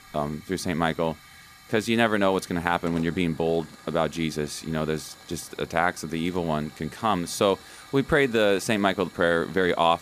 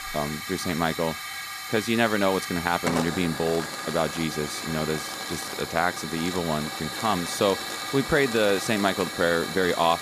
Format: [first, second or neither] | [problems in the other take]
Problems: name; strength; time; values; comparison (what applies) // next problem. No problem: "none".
first | hiss; loud; throughout; 5 dB below the speech; faint in the first